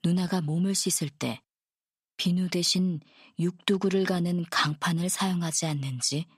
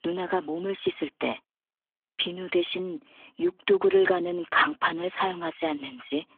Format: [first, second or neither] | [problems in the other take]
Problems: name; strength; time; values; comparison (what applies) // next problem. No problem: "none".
first | phone-call audio; nothing above 3.5 kHz